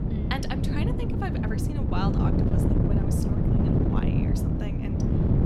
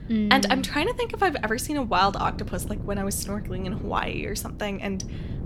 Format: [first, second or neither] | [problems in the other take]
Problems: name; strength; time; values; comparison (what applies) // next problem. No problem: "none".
second | wind noise on the microphone; heavy; 3 dB above the speech; occasional gusts in the second